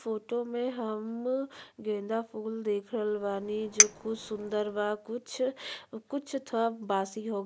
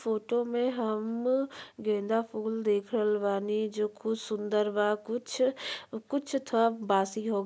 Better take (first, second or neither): second